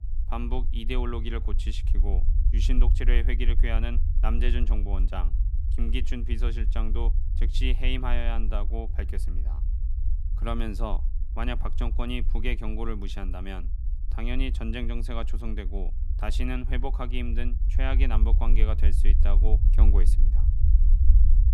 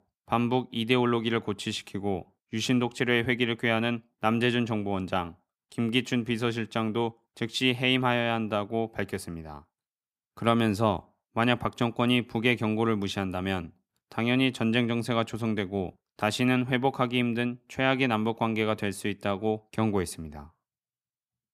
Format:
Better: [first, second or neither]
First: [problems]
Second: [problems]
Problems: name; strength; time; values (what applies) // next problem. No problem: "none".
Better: second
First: low rumble; noticeable; throughout; 10 dB below the speech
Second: none